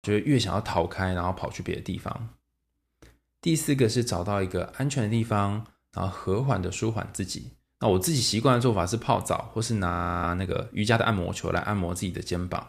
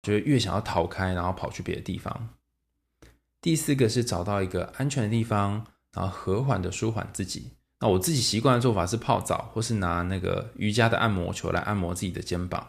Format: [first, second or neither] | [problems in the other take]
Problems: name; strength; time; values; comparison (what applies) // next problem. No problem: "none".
second | audio freezing; at 10 s